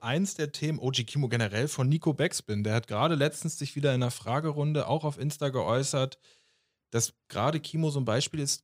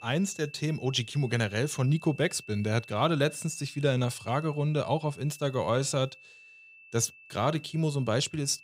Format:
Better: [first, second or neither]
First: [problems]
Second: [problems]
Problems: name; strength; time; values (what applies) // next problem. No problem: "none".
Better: first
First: none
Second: high-pitched whine; noticeable; throughout; 2.5 kHz, 20 dB below the speech